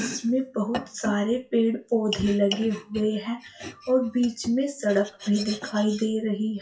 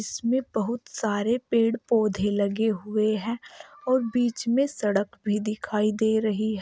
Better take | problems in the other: second | noise reduction (classical method WPE with log-MMSE)

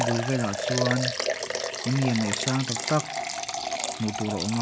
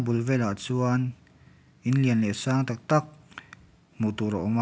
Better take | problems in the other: second | background sound (Liquid); 2 dB below the speech

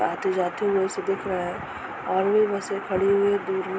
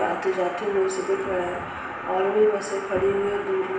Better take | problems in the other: first | room echo; dies away in 0.7 s

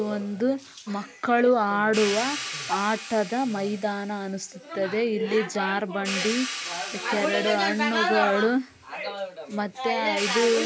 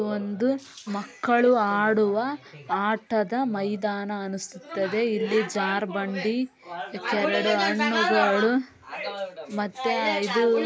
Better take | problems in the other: second | background sound (Hi-hat); 12 dB below the speech

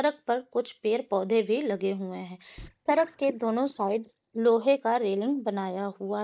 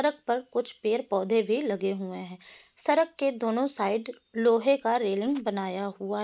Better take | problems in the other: second | noise reduction (neural mask model DeepFilterNet 3)

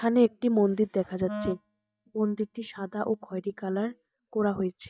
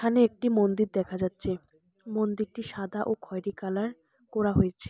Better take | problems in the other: second | noise reduction (neural mask model DeepFilterNet 3)

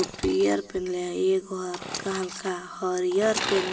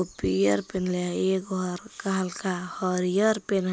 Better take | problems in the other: second | background sound (Sawing / Engine); 10 dB below the speech // room echo; dies away in 0.9 s

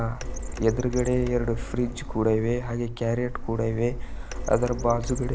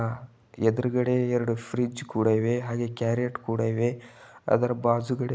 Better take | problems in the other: second | background sound (Printer); 6 dB below the speech

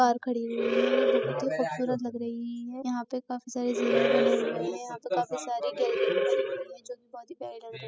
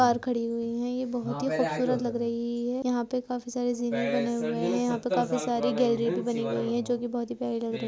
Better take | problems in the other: second | noise reduction (classical method spectral subtraction)

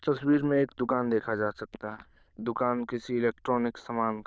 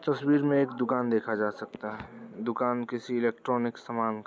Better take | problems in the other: second | noise reduction (neural diffusion model UNIVERSE++)

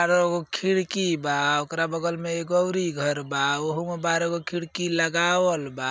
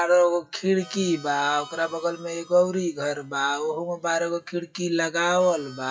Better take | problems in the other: first | noise reduction (classical method WPE with log-MMSE)

